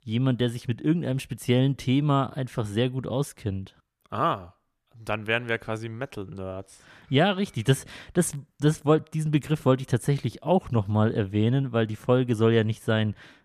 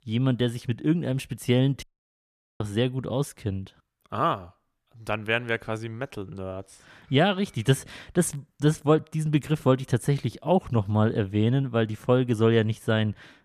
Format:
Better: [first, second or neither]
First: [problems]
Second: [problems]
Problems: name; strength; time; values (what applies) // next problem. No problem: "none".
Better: first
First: none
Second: audio cutting out; at 2 s for 1 s